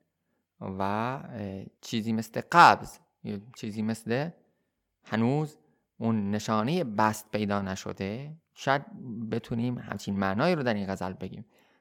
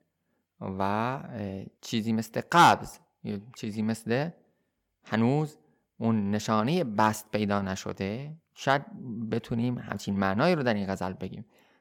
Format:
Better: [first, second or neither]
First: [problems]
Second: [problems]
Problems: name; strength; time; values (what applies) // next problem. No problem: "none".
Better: first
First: none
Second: distortion; slight; 0.3% of the sound clipped